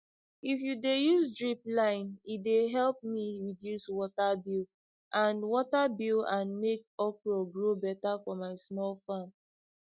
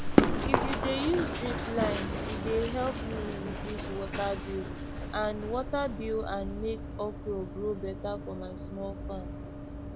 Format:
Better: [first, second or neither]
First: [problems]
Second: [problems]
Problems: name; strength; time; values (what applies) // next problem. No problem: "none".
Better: first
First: none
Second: background sound (Run); 2 dB above the speech